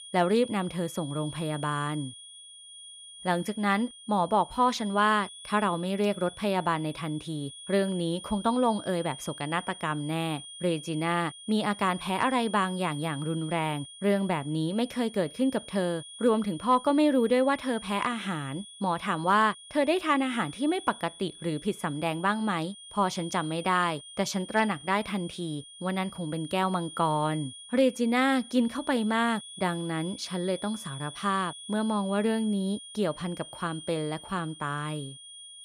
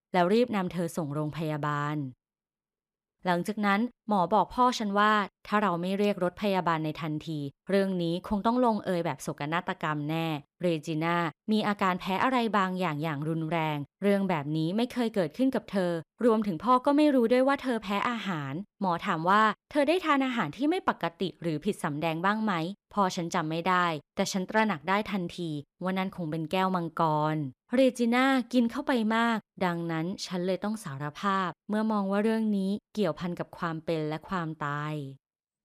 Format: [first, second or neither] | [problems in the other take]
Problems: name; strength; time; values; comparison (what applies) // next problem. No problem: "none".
second | high-pitched whine; noticeable; throughout; 3.5 kHz, 15 dB below the speech